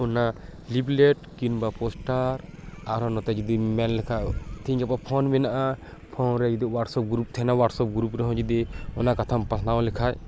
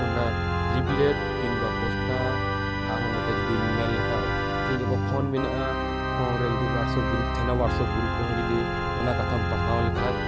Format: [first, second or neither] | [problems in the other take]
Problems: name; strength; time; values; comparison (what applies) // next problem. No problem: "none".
first | background sound (Organ); 4 dB above the speech